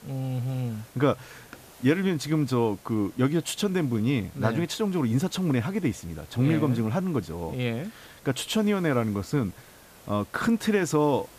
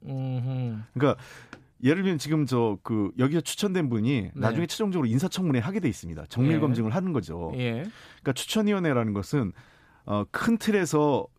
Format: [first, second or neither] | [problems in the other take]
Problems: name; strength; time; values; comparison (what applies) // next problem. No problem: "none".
second | hiss; faint; throughout; 25 dB below the speech